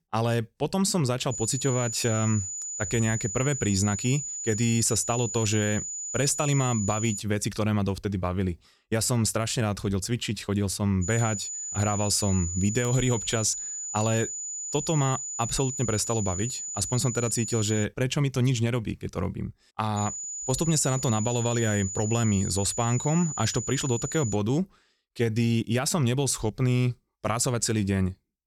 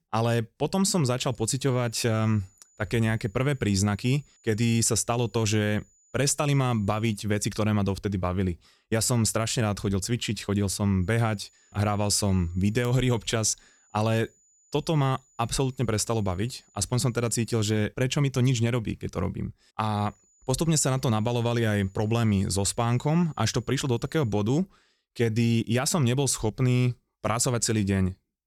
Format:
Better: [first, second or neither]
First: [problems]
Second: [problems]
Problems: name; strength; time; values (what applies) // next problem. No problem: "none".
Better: second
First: high-pitched whine; loud; from 1.5 to 7 s, from 11 to 18 s and from 20 to 24 s; 7 kHz, 5 dB below the speech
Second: high-pitched whine; faint; from 1.5 to 7 s, from 11 to 18 s and from 20 to 24 s; 7 kHz, 35 dB below the speech